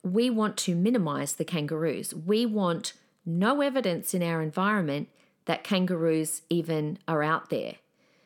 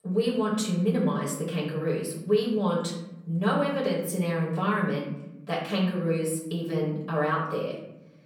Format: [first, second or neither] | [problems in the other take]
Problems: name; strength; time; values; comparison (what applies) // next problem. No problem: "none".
first | off-mic speech; far // room echo; noticeable; dies away in 0.9 s